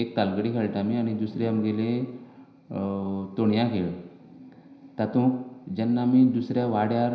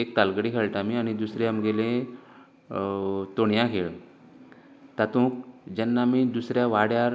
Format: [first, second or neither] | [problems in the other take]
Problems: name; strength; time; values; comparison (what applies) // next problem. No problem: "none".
second | room echo; dies away in 0.9 s